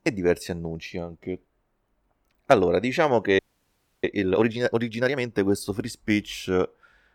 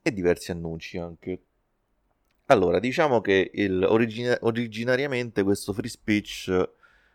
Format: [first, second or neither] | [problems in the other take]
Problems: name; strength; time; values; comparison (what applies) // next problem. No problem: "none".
second | audio freezing; at 3.5 s for 0.5 s